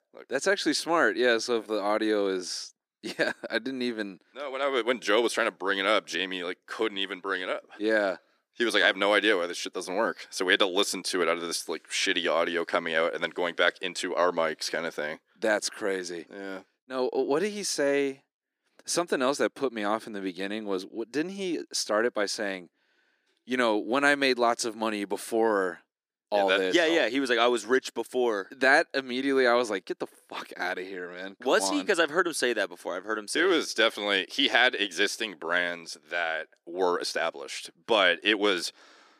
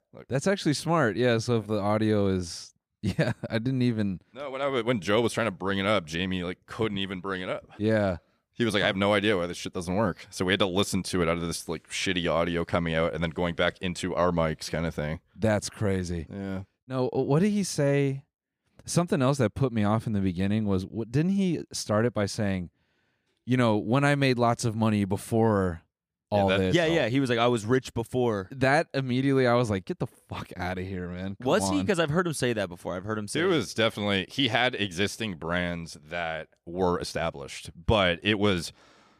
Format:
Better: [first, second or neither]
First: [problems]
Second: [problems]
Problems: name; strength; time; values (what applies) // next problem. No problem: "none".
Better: second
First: thin; somewhat; fading below 300 Hz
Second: none